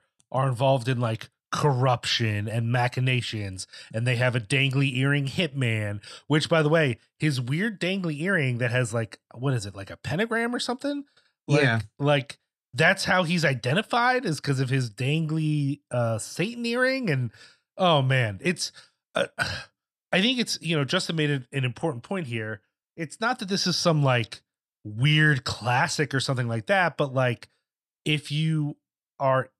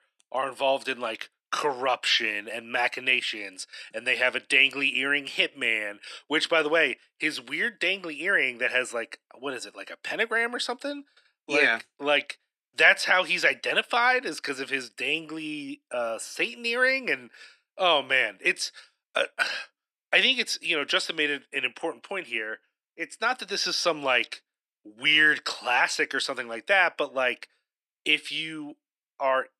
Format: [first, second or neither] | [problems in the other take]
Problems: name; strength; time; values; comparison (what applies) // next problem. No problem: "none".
first | thin; very; fading below 300 Hz